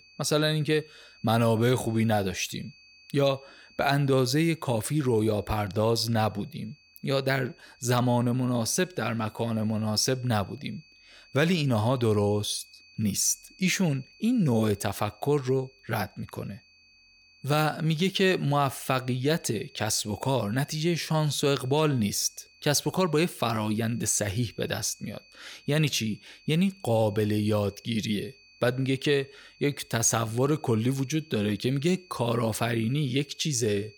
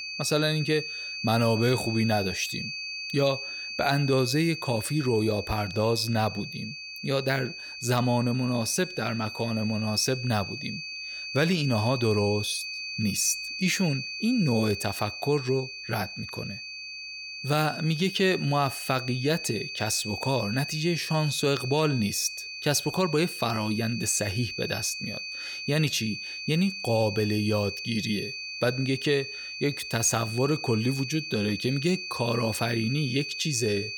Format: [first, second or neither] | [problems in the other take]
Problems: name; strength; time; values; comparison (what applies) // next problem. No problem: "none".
first | high-pitched whine; loud; throughout; 2.5 kHz, 7 dB below the speech; faint in the first